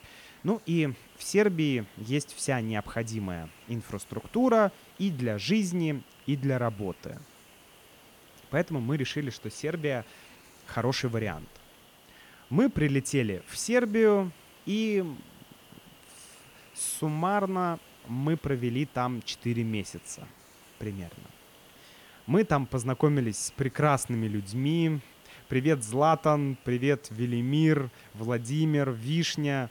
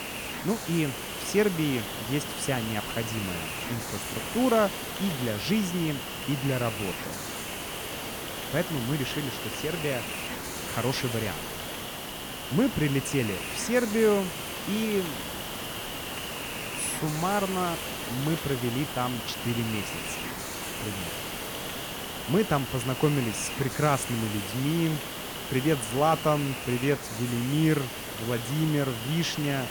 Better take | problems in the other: first | hiss; loud; throughout; 5 dB below the speech; faint in the first

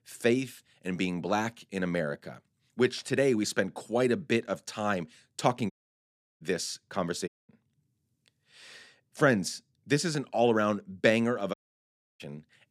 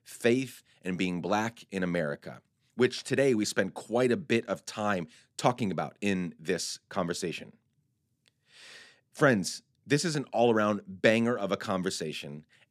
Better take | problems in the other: second | audio cutting out; at 5.5 s for 0.5 s, at 7.5 s and at 12 s for 0.5 s

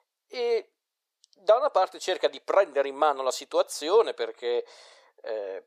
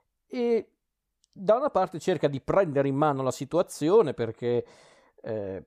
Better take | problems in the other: second | thin; very; fading below 450 Hz

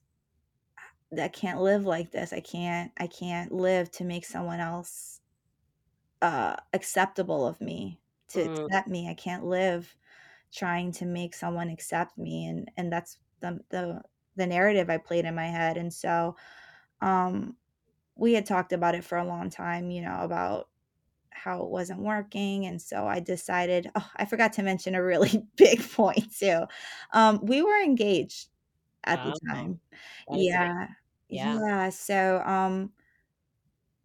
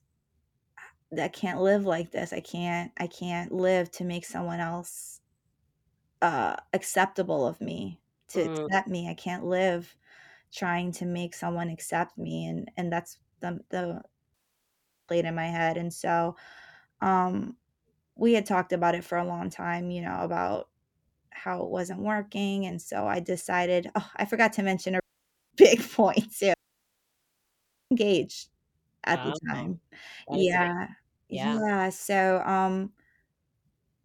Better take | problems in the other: first | audio cutting out; at 14 s for 0.5 s, at 25 s for 0.5 s and at 27 s for 1.5 s

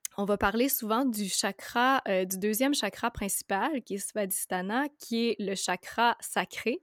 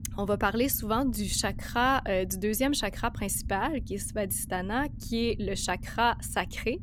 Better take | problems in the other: first | low rumble; faint; throughout; 25 dB below the speech

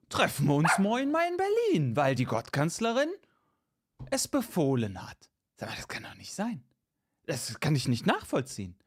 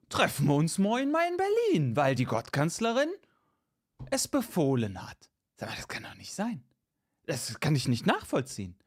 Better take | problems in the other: second | dog barking; loud; at 0.5 s; peak 1 dB above the speech

